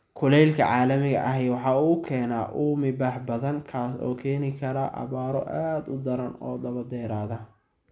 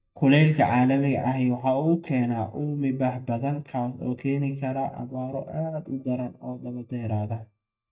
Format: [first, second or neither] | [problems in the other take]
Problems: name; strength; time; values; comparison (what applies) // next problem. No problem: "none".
first | noise reduction (neural mask model DeepFilterNet 3)